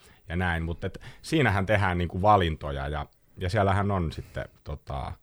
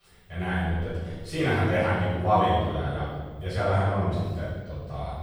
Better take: first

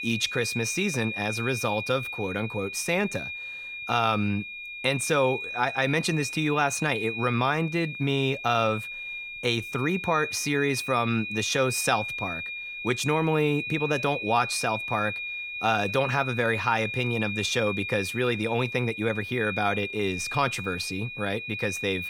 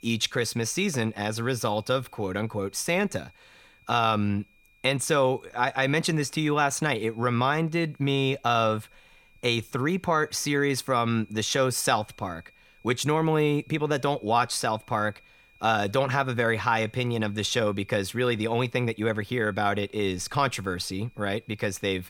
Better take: second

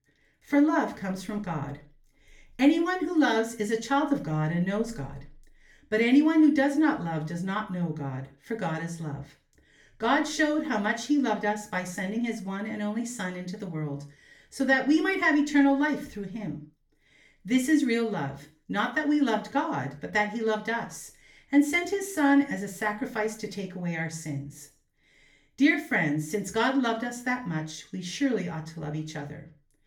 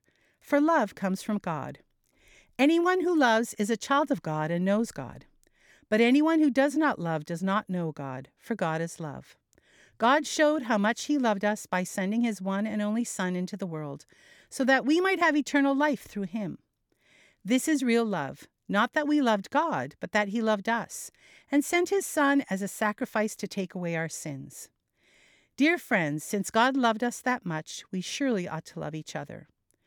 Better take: second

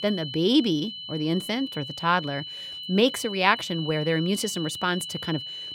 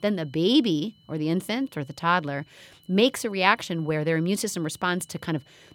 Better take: second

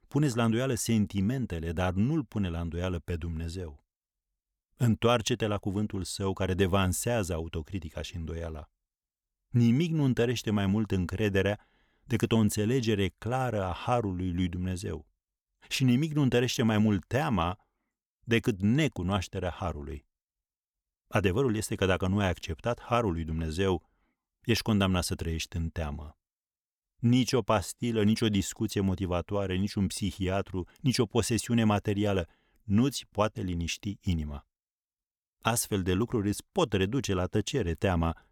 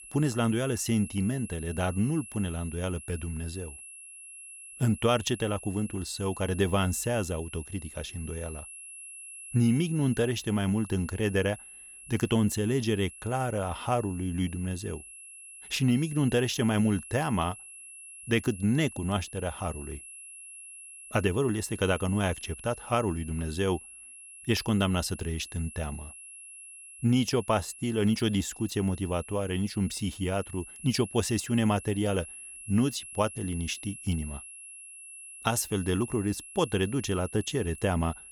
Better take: first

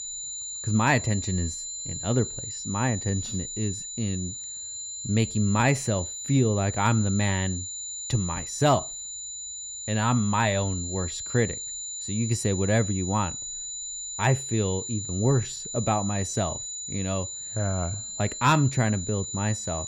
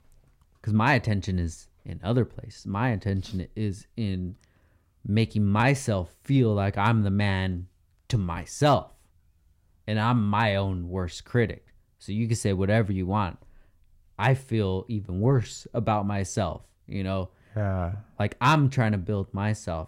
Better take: second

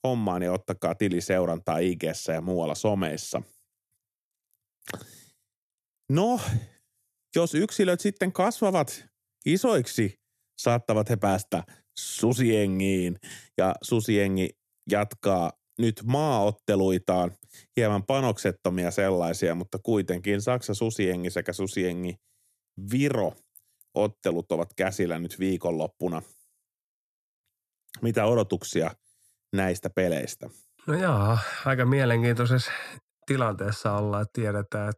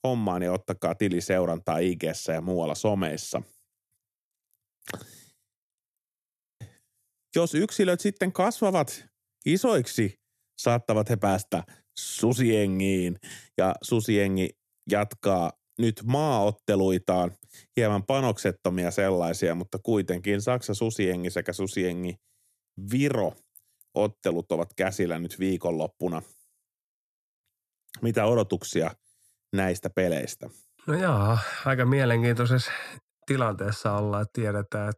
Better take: first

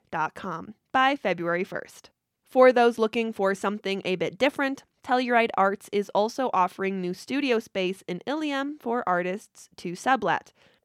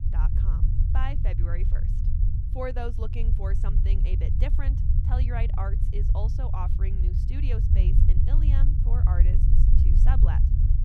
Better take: first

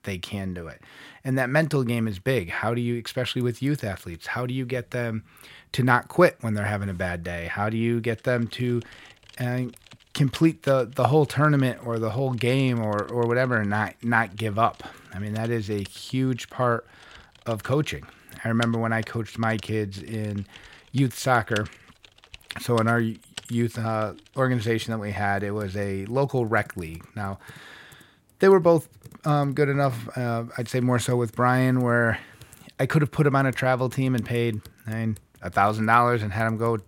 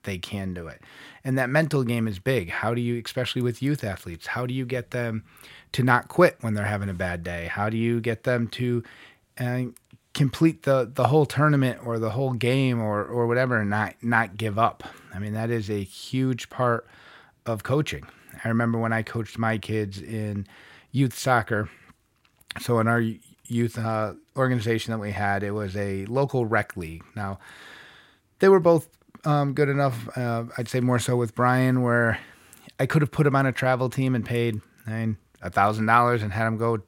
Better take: second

